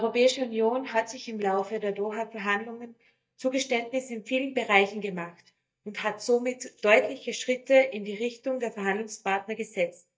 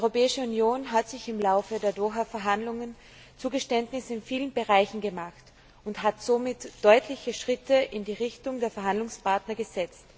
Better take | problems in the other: second | noise reduction (neural mask model DeepFilterNet 3)

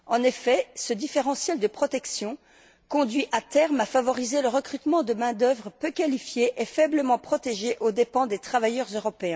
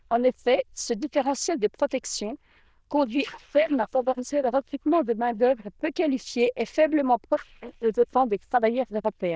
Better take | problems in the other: first | noise reduction (neural diffusion model UNIVERSE++)

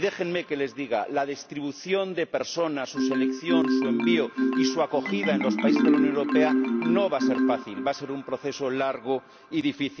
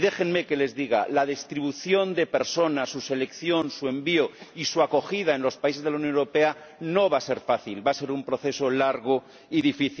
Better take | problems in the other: second | background sound (Marimba, xylophone); 1 dB above the speech

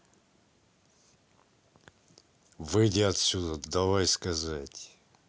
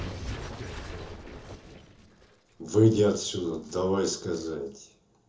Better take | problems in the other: first | noise reduction (neural separator model SepFormer DNS4)

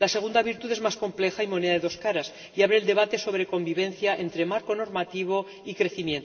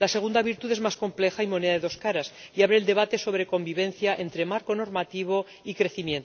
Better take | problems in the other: second | room echo; dies away in 1.1 s

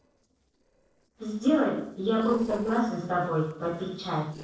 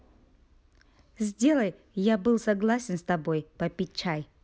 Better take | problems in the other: second | noise reduction (neural separator model SepFormer DNS4)

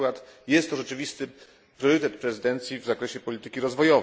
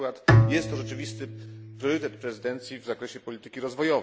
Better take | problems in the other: first | background sound (Bowed string instrument); 3 dB above the speech

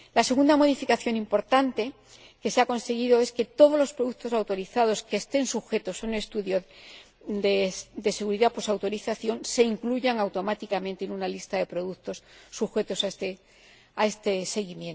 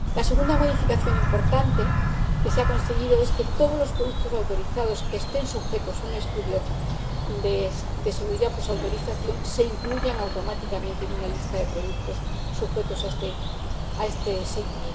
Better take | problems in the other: first | background sound (Bird vocalization, bird call, bird song); 4 dB above the speech // room echo; dies away in 1.5 s

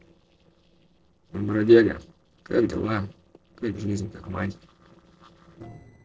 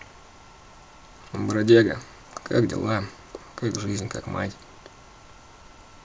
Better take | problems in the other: second | noise reduction (neural separator model SepFormer DNS4)

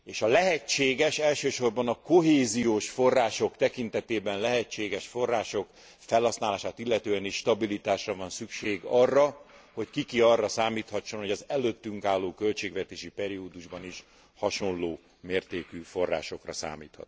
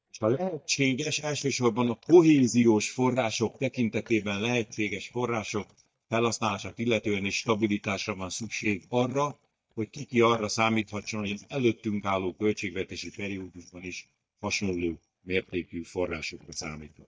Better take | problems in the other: first | noise reduction (neural mask model DeepFilterNet 3)

